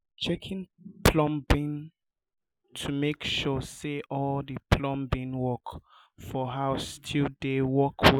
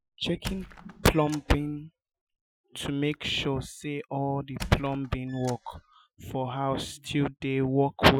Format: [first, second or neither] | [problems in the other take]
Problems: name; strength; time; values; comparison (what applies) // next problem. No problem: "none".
first | noise reduction (classical method Wiener filter)